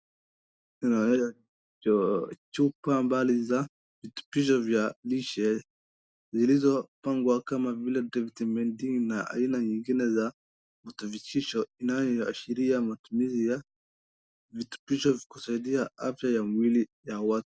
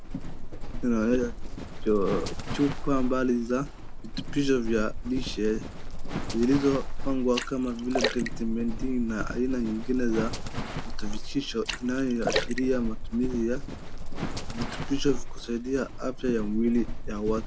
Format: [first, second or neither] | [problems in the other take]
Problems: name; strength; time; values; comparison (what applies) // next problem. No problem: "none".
first | background sound (Livestock, farm animals, working animals + Splash, splatter); 2 dB below the speech